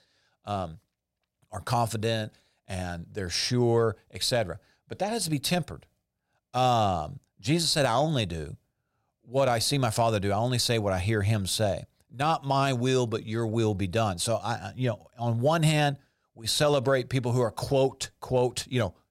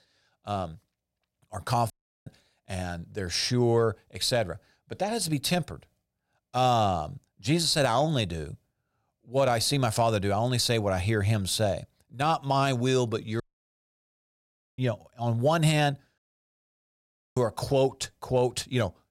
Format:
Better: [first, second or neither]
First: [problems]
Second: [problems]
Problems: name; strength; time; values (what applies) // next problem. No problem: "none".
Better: first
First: none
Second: audio cutting out; at 2 s, at 13 s for 1.5 s and at 16 s for 1 s